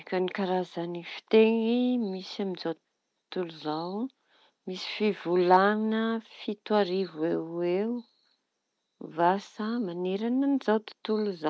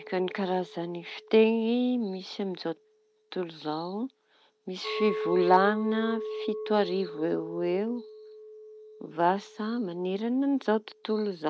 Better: first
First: none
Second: background sound (Chink, clink); 11 dB below the speech

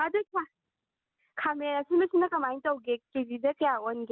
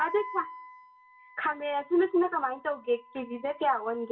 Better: first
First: none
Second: background sound (Wind instrument, woodwind instrument); 16 dB below the speech // room echo; dies away in 0.2 s

